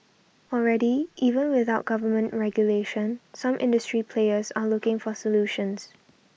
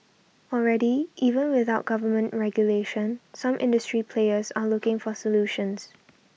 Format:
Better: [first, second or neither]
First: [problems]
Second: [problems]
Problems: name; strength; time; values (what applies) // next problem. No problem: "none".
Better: second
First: noise reduction (neural mask model Resemble Enhance denoiser)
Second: none